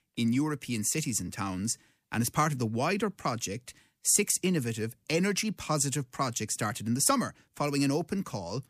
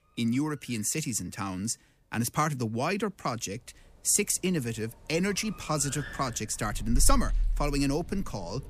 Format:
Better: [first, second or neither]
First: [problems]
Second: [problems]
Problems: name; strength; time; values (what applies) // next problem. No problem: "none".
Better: first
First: none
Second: animal sounds; loud; throughout; 8 dB below the speech